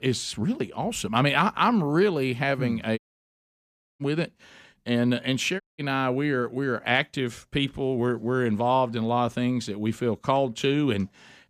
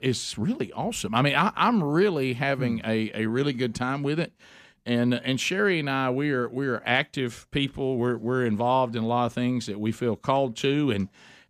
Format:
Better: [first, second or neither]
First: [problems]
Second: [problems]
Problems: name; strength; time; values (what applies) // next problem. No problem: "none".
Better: second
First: audio cutting out; at 3 s for 1 s and at 5.5 s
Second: none